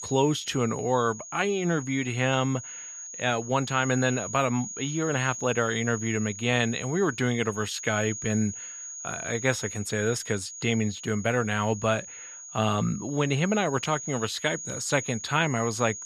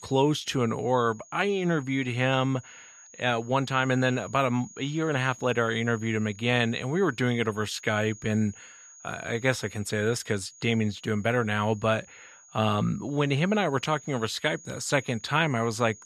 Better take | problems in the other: second | high-pitched whine; loud; throughout; 6.5 kHz, 10 dB below the speech; faint in the second

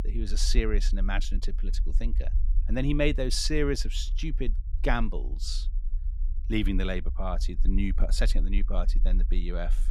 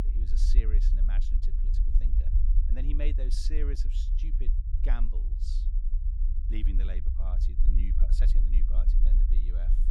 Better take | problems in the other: first | low rumble; loud; throughout; 5 dB below the speech; faint in the first

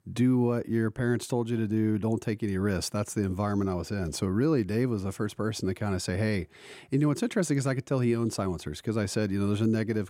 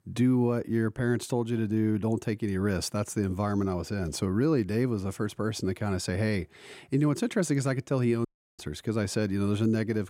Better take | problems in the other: first | audio cutting out; at 8.5 s

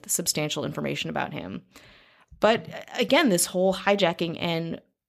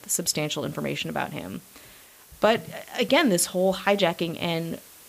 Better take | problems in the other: first | hiss; faint; throughout; 25 dB below the speech

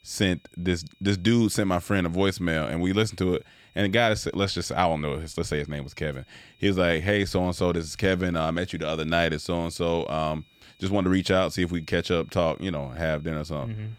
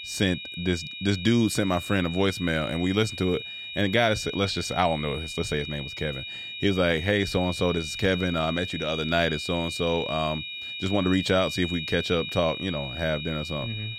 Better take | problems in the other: first | high-pitched whine; loud; throughout; 4 kHz, 7 dB below the speech; faint in the first

